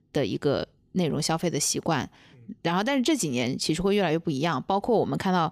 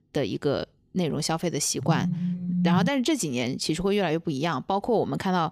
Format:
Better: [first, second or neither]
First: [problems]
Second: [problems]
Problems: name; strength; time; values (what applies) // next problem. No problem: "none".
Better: first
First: none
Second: phone ringing; loud; from 2 to 3 s; peak 2 dB above the speech